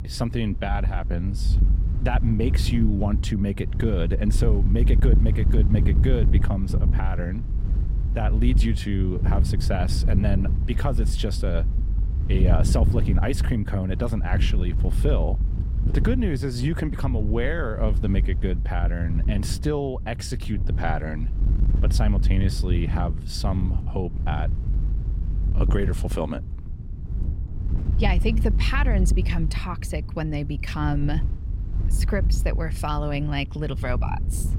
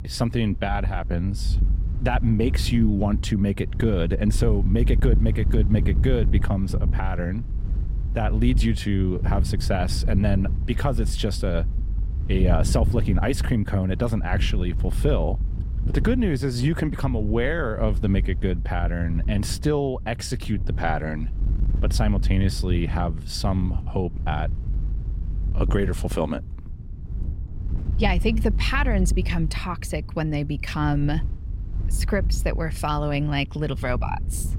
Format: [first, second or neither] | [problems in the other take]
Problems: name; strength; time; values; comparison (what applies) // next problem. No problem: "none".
second | wind noise on the microphone; heavy; 10 dB below the speech; occasional gusts in the second